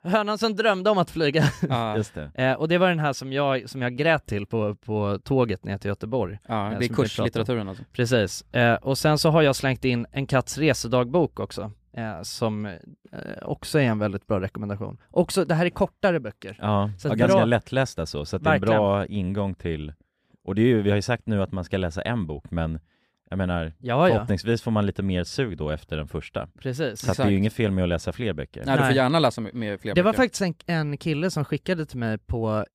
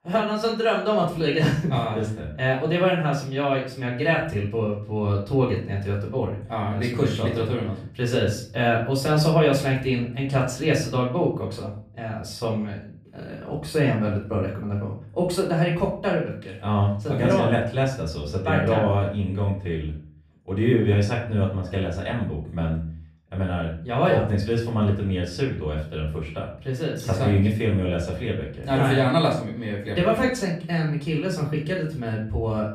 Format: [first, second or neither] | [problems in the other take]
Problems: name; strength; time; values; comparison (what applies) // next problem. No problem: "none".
first | off-mic speech; far // room echo; slight; dies away in 0.4 s